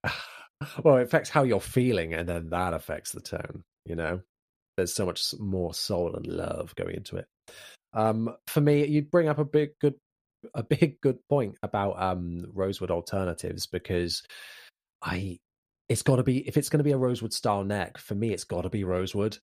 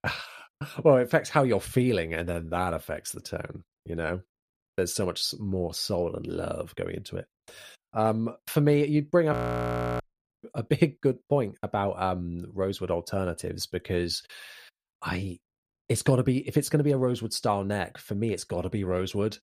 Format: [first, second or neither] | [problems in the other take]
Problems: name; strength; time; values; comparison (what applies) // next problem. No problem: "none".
first | audio freezing; at 9.5 s for 0.5 s